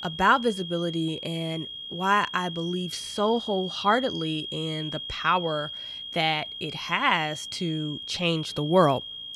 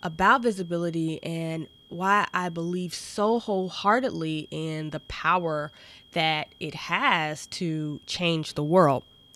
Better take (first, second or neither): second